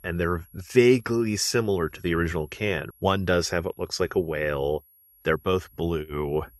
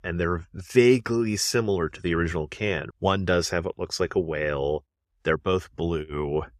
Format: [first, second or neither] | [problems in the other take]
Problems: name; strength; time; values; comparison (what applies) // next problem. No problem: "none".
second | high-pitched whine; faint; throughout; 11.5 kHz, 30 dB below the speech